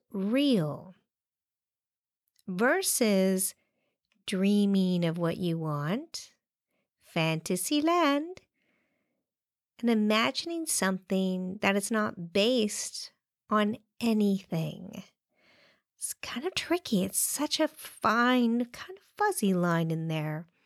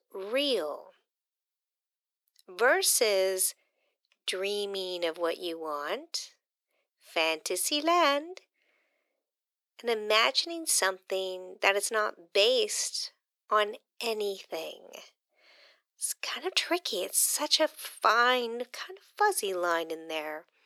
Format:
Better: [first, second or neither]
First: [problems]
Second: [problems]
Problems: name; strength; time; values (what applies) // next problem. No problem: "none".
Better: first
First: none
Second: thin; very; fading below 400 Hz